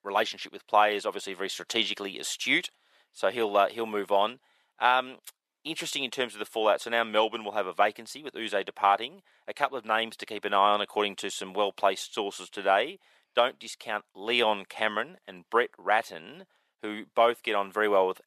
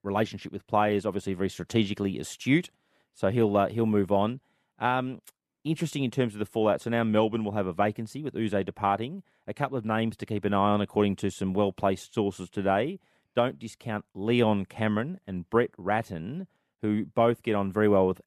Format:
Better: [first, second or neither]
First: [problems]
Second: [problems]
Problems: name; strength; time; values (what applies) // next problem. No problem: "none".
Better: second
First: thin; very; fading below 650 Hz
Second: none